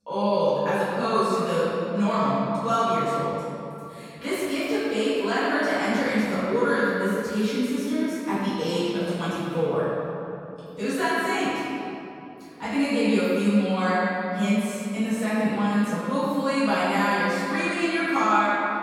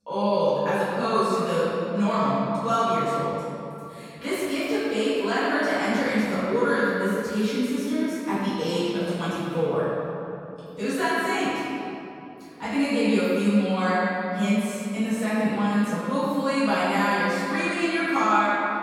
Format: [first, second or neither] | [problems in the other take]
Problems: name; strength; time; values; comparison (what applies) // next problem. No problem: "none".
neither | room echo; strong; dies away in 2.7 s; the same in both // off-mic speech; far; the same in both